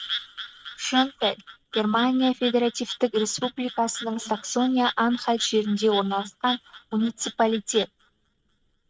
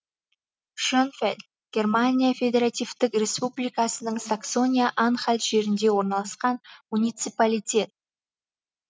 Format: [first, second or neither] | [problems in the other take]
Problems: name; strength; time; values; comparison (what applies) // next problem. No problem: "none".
second | noise reduction (neural mask model RNNoise)